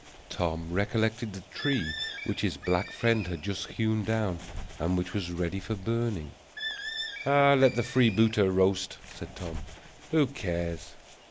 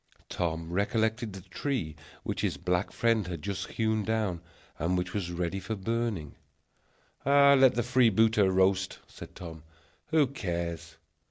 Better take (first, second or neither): second